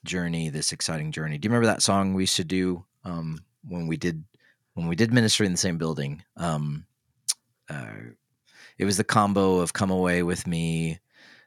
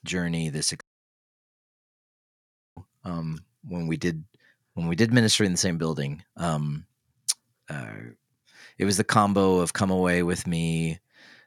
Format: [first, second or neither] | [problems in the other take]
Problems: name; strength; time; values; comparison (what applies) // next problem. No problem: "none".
first | audio cutting out; at 1 s for 2 s